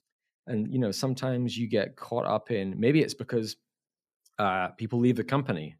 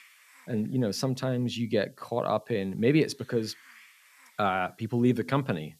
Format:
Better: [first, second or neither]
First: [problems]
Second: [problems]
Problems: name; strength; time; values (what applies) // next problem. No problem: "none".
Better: first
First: none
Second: hiss; faint; throughout; 30 dB below the speech